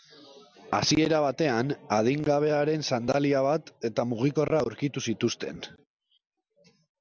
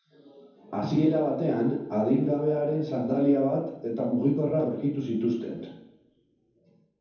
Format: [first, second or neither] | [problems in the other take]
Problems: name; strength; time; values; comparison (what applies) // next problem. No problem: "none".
first | room echo; dies away in 0.9 s